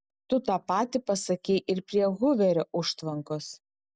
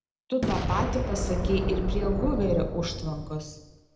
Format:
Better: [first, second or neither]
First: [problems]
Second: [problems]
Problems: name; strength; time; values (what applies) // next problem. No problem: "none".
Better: first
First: none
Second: background sound (Boom); 1 dB below the speech // room echo; dies away in 0.8 s